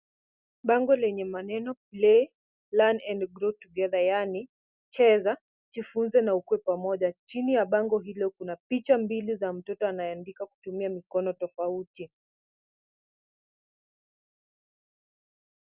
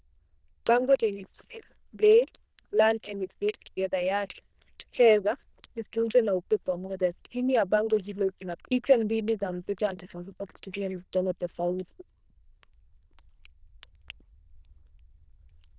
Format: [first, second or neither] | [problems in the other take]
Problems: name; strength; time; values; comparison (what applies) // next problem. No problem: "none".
first | noise reduction (neural diffusion model UNIVERSE++)